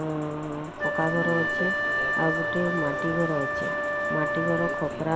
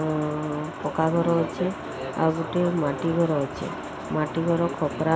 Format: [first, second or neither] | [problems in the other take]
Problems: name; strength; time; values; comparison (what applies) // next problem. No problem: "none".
second | background sound (Wind instrument, woodwind instrument); as loud as the speech